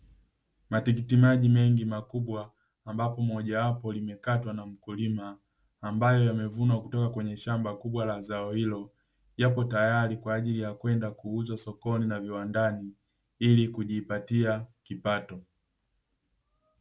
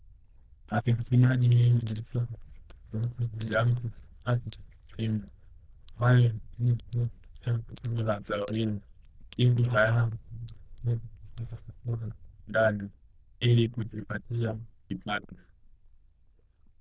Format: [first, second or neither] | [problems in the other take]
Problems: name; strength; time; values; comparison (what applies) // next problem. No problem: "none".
first | noise reduction (neural diffusion model UNIVERSE++)